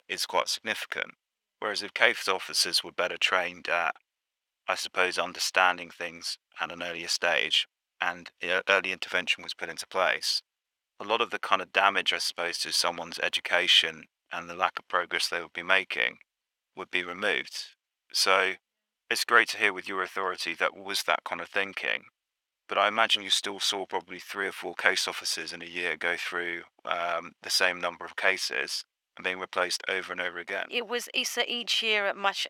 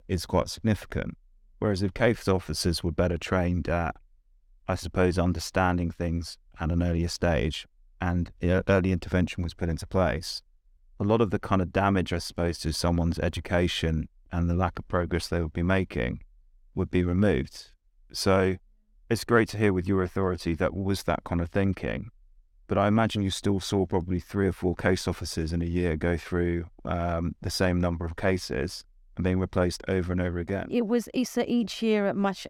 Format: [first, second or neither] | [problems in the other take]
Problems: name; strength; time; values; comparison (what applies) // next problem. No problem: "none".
second | thin; very; fading below 850 Hz